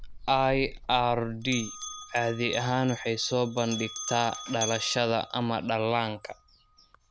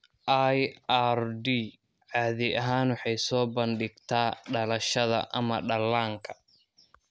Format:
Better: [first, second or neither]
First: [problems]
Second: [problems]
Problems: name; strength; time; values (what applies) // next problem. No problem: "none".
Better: second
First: background sound (Bell); 12 dB below the speech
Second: none